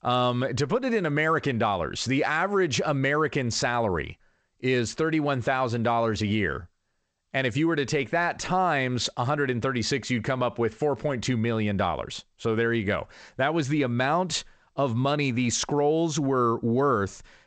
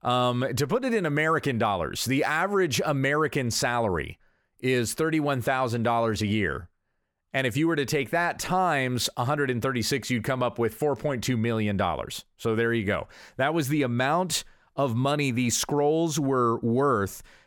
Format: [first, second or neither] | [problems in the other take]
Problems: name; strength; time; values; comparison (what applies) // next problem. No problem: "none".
second | garbled, watery; slightly; nothing above 8 kHz